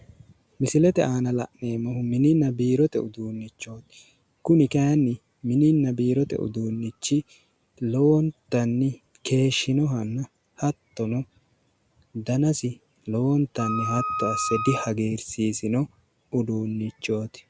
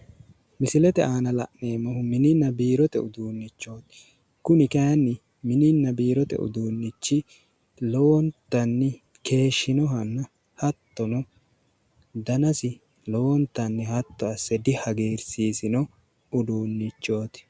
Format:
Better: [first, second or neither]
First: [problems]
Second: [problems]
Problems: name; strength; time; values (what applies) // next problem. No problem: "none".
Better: second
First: background sound (Wind instrument, woodwind instrument); 5 dB below the speech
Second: none